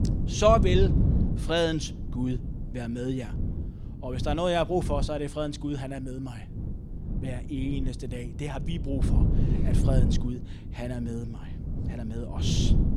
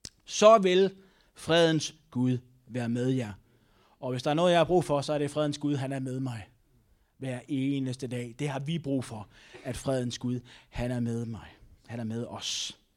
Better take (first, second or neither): second